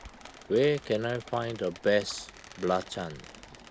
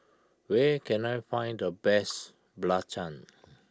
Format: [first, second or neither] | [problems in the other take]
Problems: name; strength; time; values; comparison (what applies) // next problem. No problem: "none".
second | background sound (Stream + Squeak); 18 dB below the speech